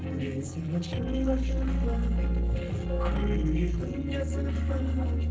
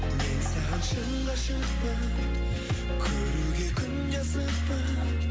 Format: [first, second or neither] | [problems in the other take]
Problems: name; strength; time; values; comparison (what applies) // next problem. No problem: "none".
second | noise reduction (neural separator model SepFormer DNS4)